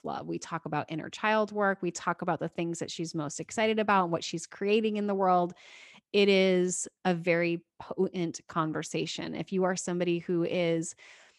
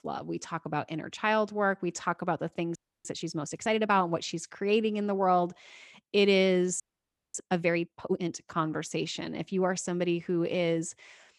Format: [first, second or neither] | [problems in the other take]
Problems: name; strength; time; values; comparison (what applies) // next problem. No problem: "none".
first | audio freezing; at 3 s and at 7 s for 0.5 s